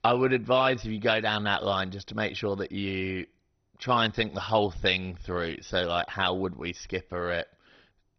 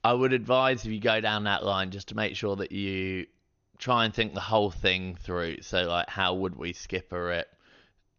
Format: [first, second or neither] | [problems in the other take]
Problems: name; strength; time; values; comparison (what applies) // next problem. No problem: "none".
second | garbled, watery; badly; nothing above 6 kHz; slightly in the second